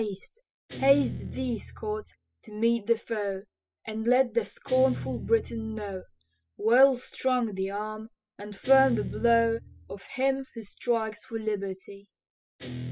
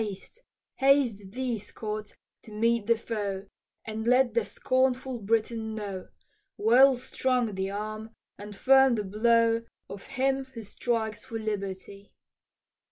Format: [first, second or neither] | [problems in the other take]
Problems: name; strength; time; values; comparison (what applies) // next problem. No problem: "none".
second | noise reduction (classical method spectral subtraction)